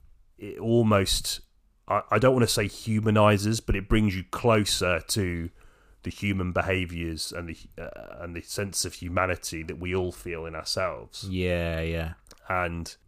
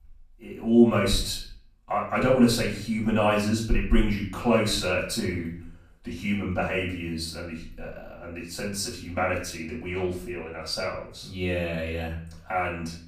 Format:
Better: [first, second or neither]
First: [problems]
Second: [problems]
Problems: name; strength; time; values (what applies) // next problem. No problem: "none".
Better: first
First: none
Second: off-mic speech; far // room echo; slight; dies away in 0.5 s